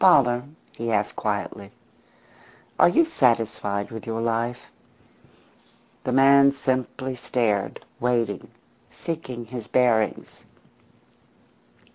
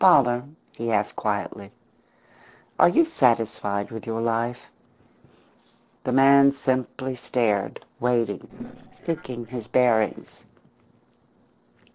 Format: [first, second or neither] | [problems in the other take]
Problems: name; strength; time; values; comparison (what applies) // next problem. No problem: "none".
first | noise reduction (neural separator model SepFormer DNS4)